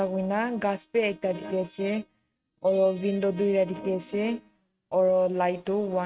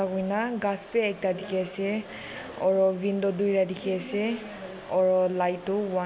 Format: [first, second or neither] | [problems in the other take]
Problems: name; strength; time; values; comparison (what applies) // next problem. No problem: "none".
second | noise reduction (neural mask model RNNoise)